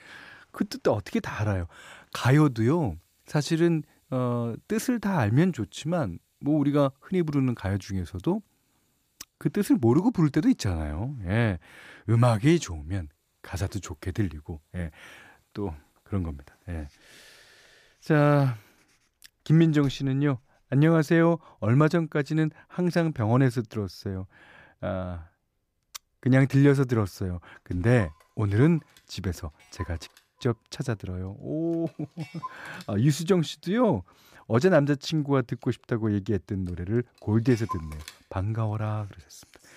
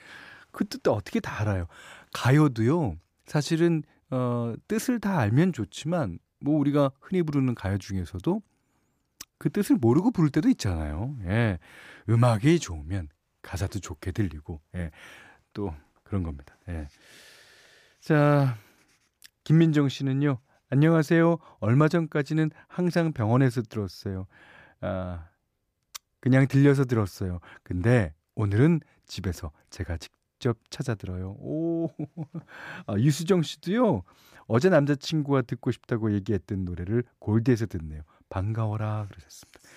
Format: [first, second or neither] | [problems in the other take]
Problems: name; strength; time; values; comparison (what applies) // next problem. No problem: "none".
second | household noises; faint; throughout; 20 dB below the speech